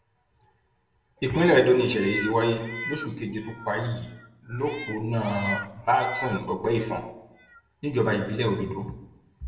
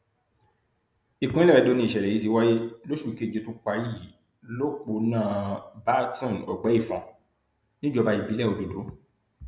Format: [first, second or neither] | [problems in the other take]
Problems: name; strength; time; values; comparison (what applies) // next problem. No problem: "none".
second | background sound (Meow); 11 dB below the speech // room echo; dies away in 0.8 s